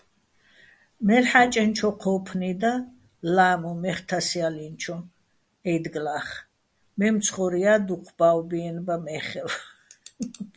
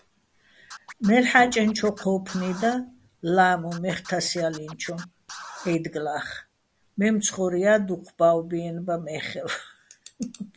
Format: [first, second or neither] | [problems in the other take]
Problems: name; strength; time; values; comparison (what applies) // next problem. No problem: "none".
first | background sound (Scratching (performance technique)); 18 dB below the speech